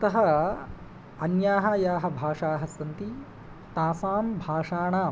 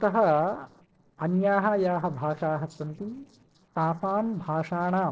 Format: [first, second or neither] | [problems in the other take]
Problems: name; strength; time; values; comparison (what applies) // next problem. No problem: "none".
first | noise reduction (neural separator model SepFormer DNS4)